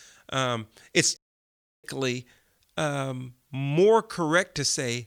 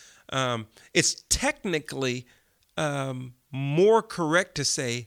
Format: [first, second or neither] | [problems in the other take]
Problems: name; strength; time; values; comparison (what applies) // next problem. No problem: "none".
second | audio cutting out; at 1 s for 0.5 s